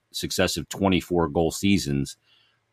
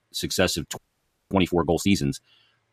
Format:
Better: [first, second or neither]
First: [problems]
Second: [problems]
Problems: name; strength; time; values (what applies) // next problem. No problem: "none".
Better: first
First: none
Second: audio freezing; at 1 s for 0.5 s